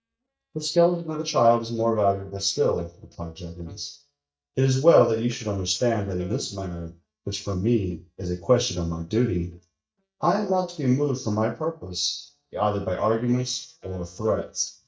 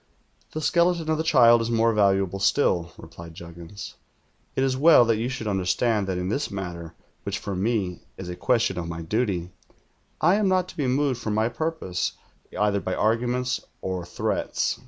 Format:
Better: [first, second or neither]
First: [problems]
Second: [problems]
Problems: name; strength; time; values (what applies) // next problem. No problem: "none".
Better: second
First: noise reduction (neural mask model DeepFilterNet 3)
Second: none